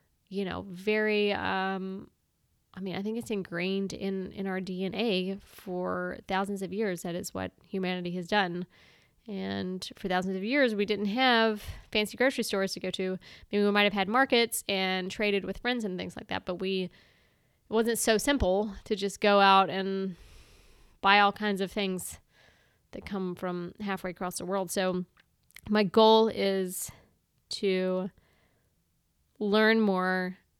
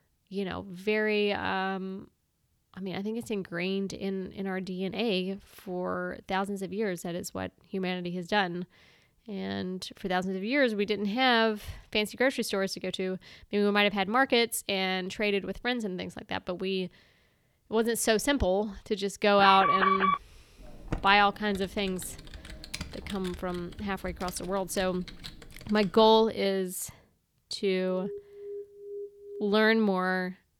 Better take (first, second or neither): first